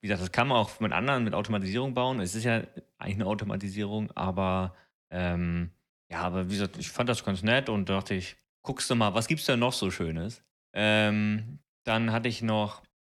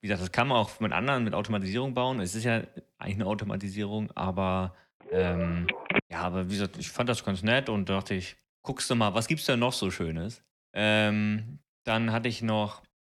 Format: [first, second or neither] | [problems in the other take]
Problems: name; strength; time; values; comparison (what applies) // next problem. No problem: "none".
first | phone ringing; loud; at 5 s; peak 2 dB above the speech